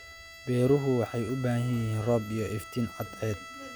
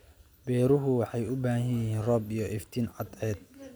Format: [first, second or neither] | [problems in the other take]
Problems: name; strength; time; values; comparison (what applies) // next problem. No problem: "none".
second | background sound (Bowed string instrument); 16 dB below the speech